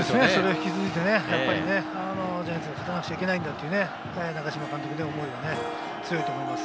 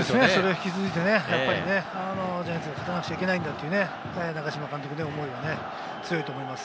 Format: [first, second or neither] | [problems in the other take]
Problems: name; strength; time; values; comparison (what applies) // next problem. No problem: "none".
second | background sound (Harp); 8 dB below the speech